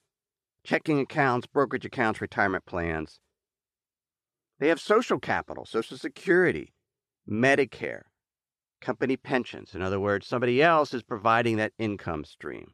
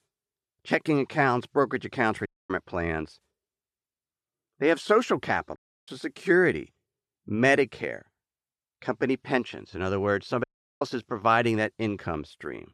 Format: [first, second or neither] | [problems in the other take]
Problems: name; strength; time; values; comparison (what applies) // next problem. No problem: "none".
first | audio cutting out; at 2.5 s, at 5.5 s and at 10 s